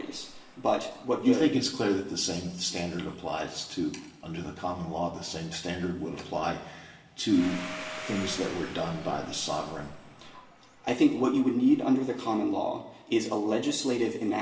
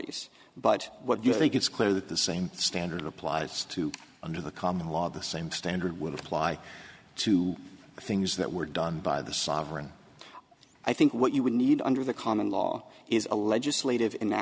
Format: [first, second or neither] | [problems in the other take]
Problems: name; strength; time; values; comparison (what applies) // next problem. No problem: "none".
second | background sound (Domestic sounds, home sounds); 18 dB below the speech // room echo; dies away in 0.9 s